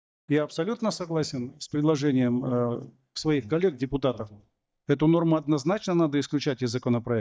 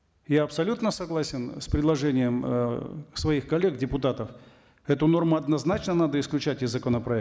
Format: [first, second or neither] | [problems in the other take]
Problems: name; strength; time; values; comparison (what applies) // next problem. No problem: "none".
second | noise reduction (neural mask model DeepFilterNet 3)